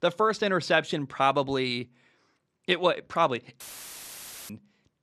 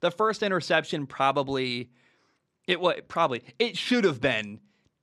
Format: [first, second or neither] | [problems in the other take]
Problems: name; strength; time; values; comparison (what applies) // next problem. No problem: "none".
second | audio cutting out; filled with static; at 3.5 s for 1 s